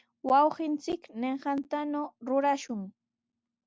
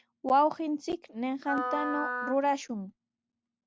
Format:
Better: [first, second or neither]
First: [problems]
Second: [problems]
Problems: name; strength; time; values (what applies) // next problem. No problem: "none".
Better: first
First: none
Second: background sound (Wind instrument, woodwind instrument); 5 dB below the speech